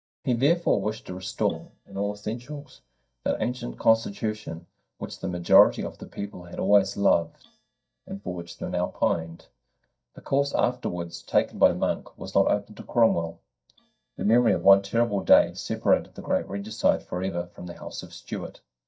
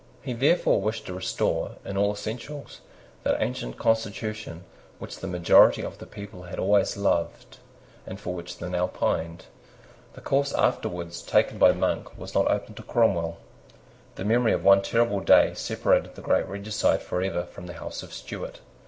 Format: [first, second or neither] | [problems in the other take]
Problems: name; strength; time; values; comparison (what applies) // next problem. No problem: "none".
second | noise reduction (neural mask model DeepFilterNet 3)